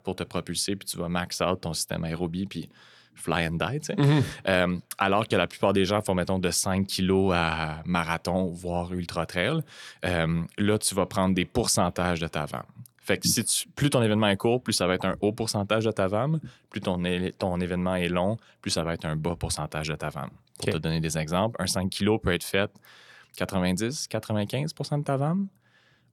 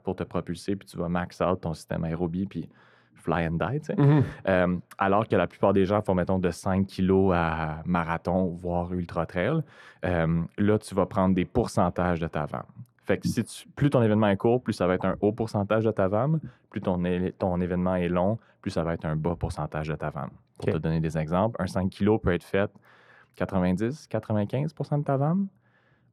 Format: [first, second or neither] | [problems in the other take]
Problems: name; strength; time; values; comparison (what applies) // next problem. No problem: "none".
first | muffled; very; fading above 2.5 kHz